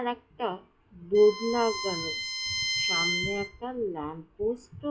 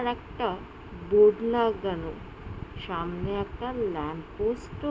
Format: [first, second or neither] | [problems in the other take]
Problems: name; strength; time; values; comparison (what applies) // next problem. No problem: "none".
second | noise reduction (classical method log-MMSE)